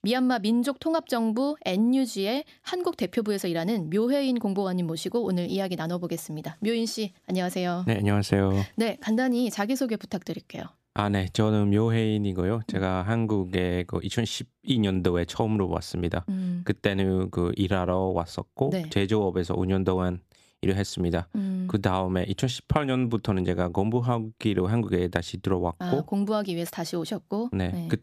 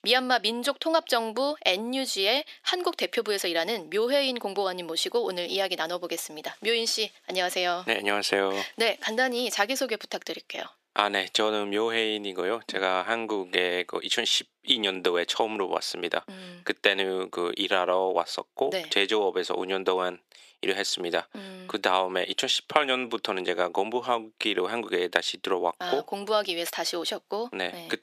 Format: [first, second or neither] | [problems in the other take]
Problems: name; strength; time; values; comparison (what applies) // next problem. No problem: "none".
first | thin; very; fading below 400 Hz